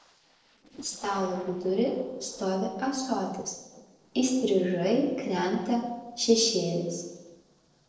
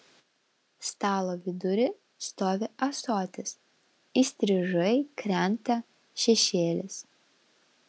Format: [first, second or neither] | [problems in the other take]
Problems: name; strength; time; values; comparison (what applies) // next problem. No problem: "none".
second | noise reduction (neural separator model SepFormer DNS4)